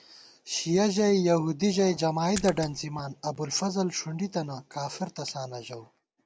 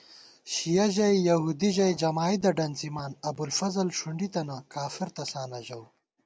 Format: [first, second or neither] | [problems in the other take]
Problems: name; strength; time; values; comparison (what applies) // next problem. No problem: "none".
second | background sound (Splash, splatter); 12 dB below the speech